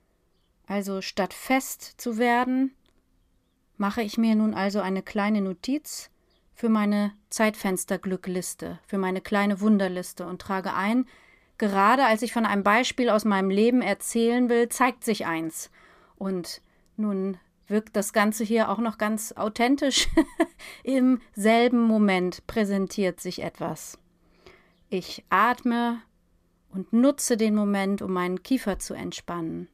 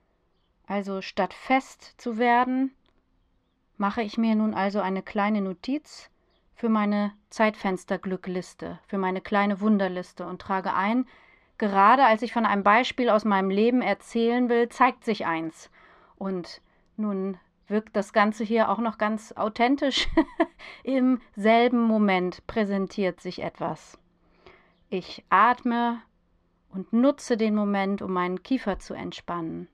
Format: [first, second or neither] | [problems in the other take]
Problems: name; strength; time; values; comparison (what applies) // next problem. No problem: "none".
first | muffled; slightly; fading above 3.5 kHz